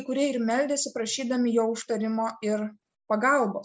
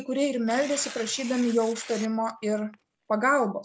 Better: first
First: none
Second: background sound (Tearing); 17 dB below the speech

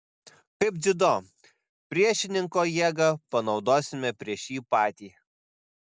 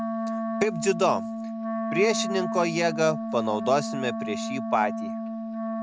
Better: first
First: none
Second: background sound (Wind instrument, woodwind instrument); 3 dB below the speech

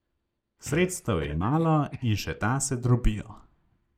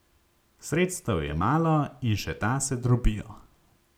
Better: second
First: noise reduction (neural mask model DeepFilterNet 3)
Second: none

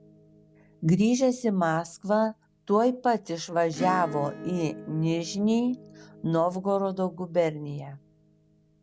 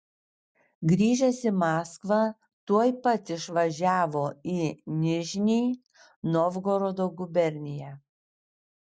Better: second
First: background sound (Acoustic guitar / Strum); 16 dB below the speech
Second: none

